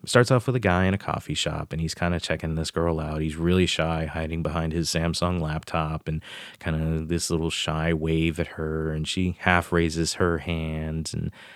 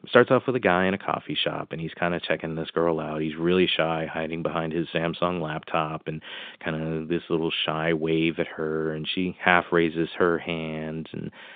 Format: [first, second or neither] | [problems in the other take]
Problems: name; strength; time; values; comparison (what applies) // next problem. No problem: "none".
first | phone-call audio